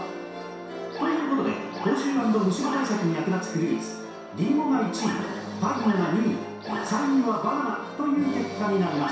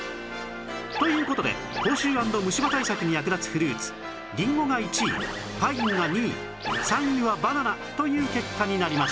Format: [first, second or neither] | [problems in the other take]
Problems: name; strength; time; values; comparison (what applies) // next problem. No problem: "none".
second | room echo; dies away in 0.7 s